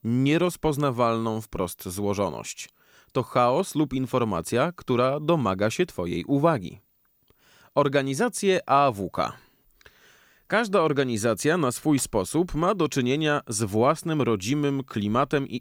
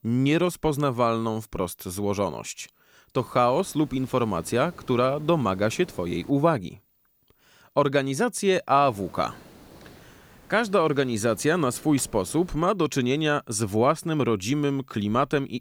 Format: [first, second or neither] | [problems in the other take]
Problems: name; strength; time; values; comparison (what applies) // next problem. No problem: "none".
first | hiss; faint; from 3 to 6.5 s and from 9 to 13 s; 25 dB below the speech